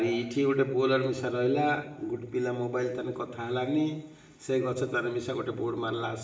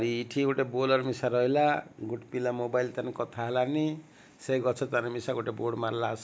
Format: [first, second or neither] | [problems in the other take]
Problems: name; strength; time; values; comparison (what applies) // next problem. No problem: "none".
second | room echo; dies away in 0.8 s